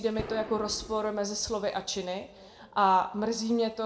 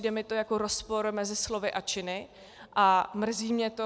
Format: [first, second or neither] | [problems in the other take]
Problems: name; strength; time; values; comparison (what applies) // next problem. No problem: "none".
second | background sound (Gunshot, gunfire); 15 dB below the speech // room echo; dies away in 0.5 s